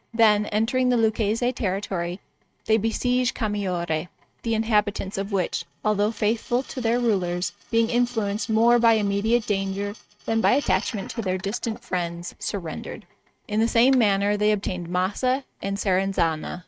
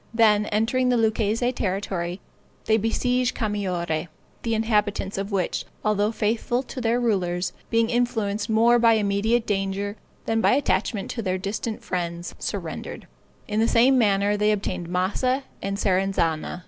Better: second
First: noise reduction (neural mask model RNNoise)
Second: none

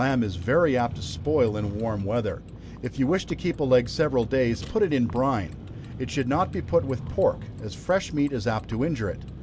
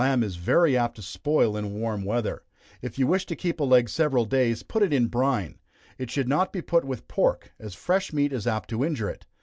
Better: second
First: background sound (Vehicle); 11 dB below the speech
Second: none

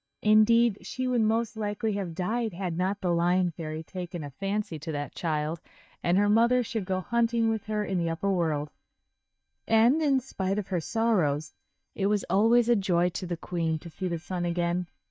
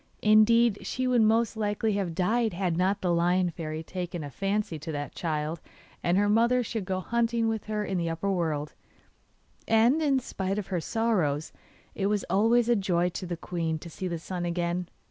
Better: second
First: noise reduction (neural mask model DeepFilterNet 3)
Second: none

